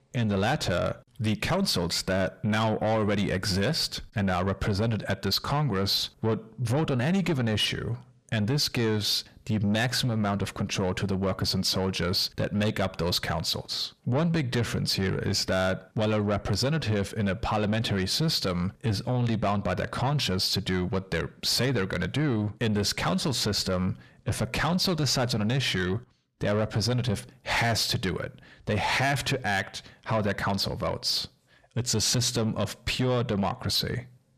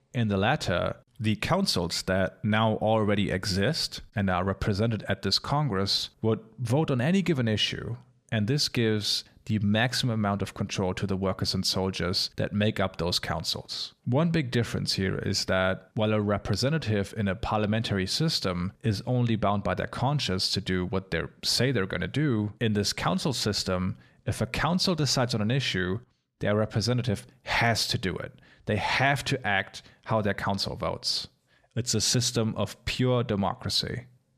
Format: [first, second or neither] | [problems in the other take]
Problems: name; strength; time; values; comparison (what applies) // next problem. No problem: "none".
second | distortion; slight; 10 dB below the speech